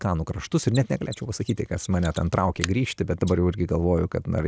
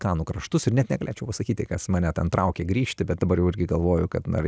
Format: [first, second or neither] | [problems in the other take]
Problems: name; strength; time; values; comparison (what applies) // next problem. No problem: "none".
second | background sound (Mechanisms); 19 dB below the speech